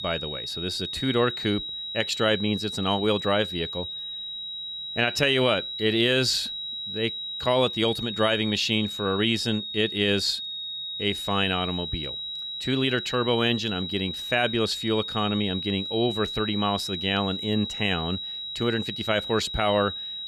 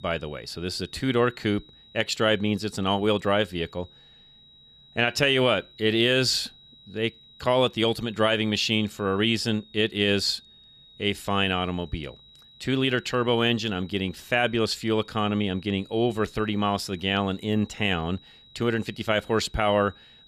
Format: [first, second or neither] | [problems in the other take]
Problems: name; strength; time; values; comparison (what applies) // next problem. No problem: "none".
second | high-pitched whine; loud; throughout; 4 kHz, 5 dB below the speech; faint in the second